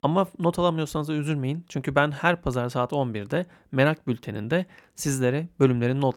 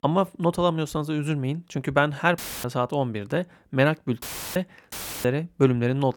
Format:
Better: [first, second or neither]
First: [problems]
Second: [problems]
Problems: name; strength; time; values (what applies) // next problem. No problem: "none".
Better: first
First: none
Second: audio cutting out; filled with static; at 2.5 s, at 4 s and at 5 s